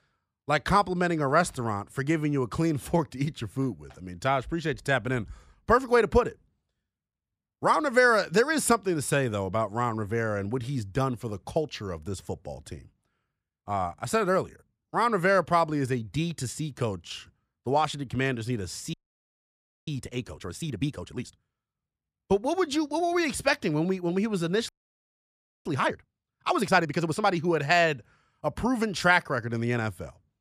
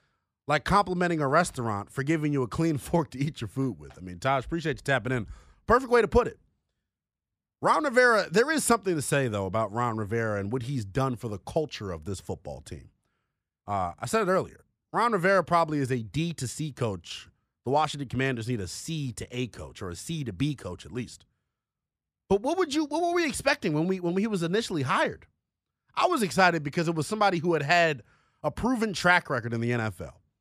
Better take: second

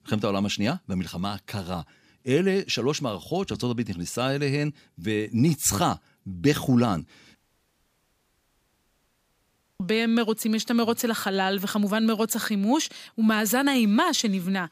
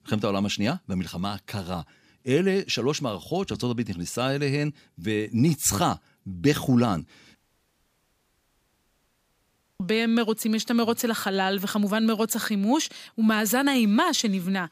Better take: neither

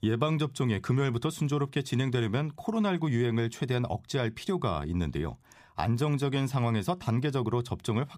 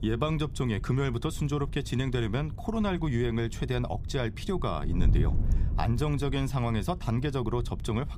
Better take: first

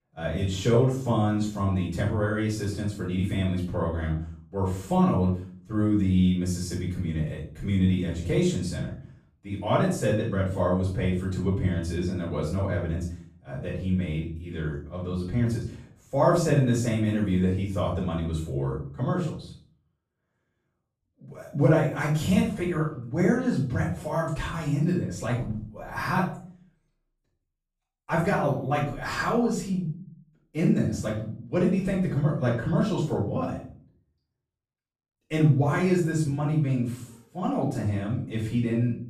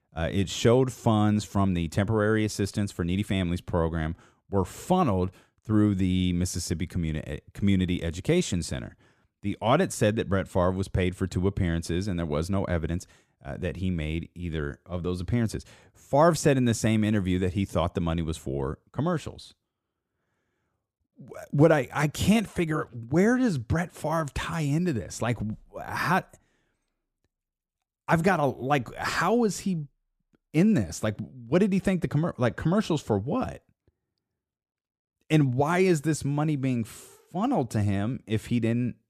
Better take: second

